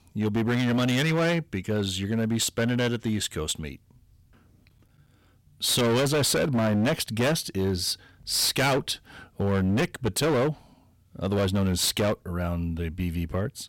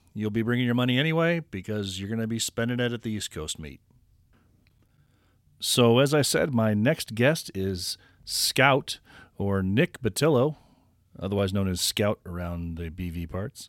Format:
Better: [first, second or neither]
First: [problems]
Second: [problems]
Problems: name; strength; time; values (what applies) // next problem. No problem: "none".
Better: second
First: distortion; heavy; 15% of the sound clipped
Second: none